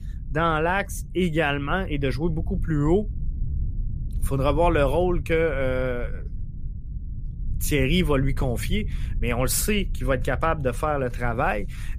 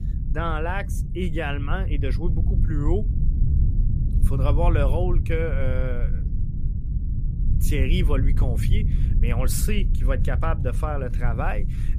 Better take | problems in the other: first | low rumble; loud; throughout; 10 dB below the speech; faint in the first

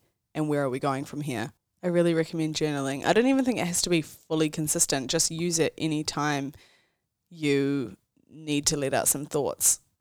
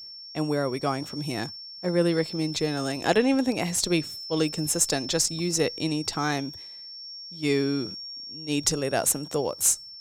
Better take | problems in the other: first | high-pitched whine; noticeable; throughout; 5.5 kHz, 10 dB below the speech

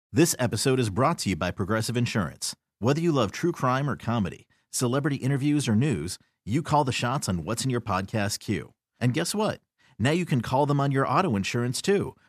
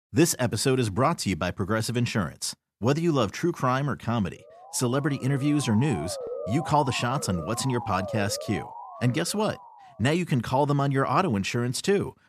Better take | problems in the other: first | siren; noticeable; from 4.5 to 10 s; peak 8 dB below the speech

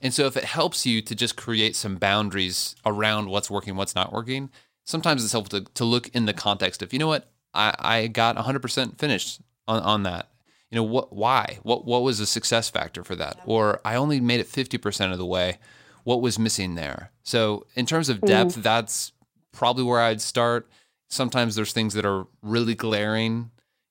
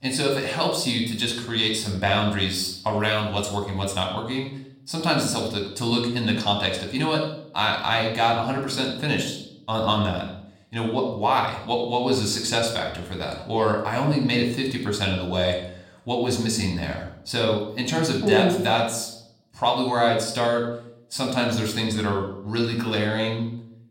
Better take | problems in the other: first | off-mic speech; somewhat distant // room echo; noticeable; dies away in 0.6 s

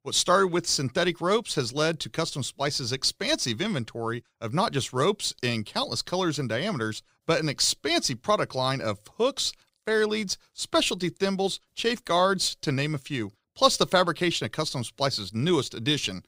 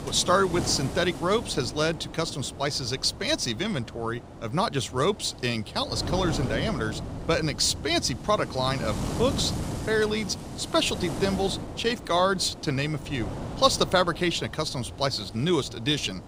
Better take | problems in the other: first | wind noise on the microphone; occasional gusts; 15 dB below the speech

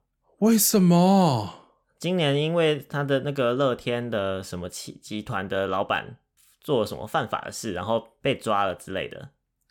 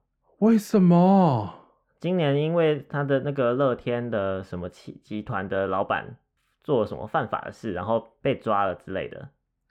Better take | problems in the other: first | muffled; very; fading above 3.5 kHz

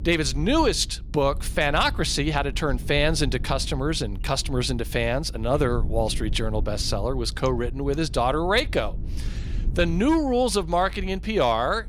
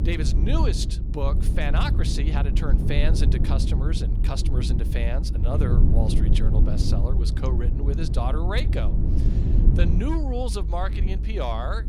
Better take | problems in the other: first | low rumble; loud; throughout; 5 dB below the speech; faint in the first

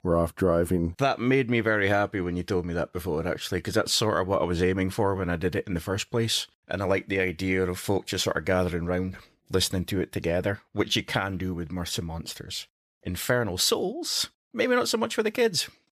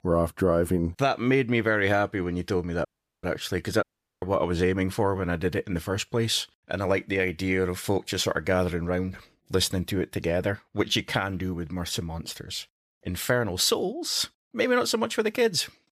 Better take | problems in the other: first | audio cutting out; at 3 s and at 4 s

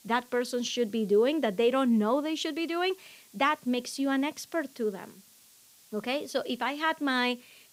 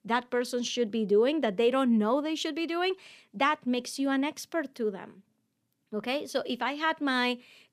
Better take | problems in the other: second | hiss; faint; throughout; 25 dB below the speech

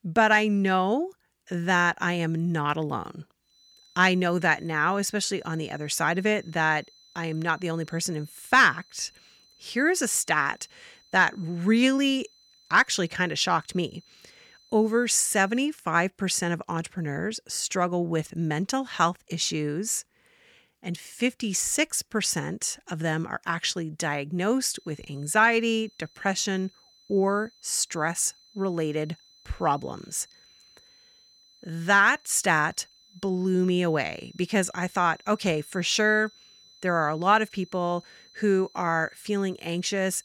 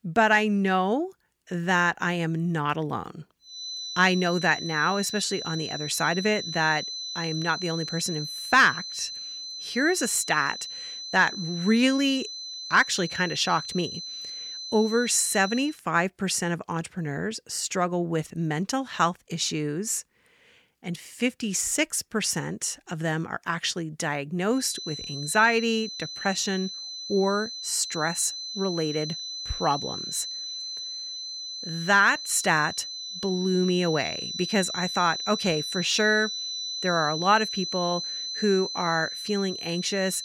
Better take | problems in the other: first | high-pitched whine; loud; from 3.5 to 16 s and from 25 s on; 4 kHz, 7 dB below the speech; faint in the first

